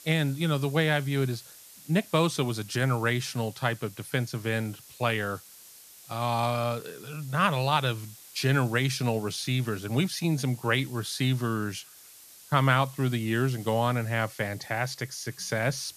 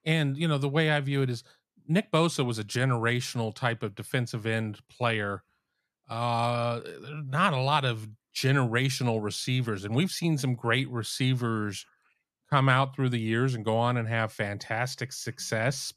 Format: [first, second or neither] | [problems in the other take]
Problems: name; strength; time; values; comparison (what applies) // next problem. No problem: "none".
second | hiss; noticeable; throughout; 20 dB below the speech